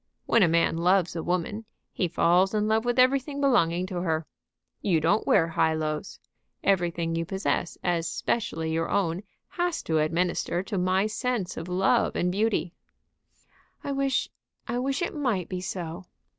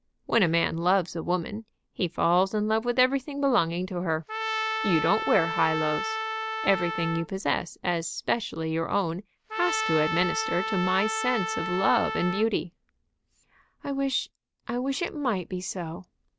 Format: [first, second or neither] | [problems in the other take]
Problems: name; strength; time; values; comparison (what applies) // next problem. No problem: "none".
first | background sound (Trumpet); 4 dB below the speech